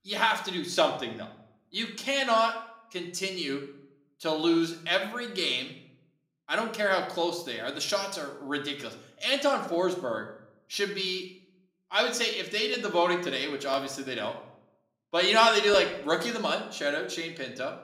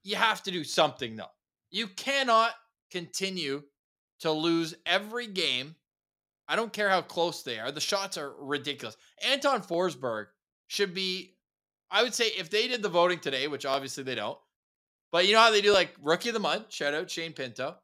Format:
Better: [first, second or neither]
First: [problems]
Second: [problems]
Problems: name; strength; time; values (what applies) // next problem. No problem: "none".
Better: second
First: room echo; slight; dies away in 0.6 s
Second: none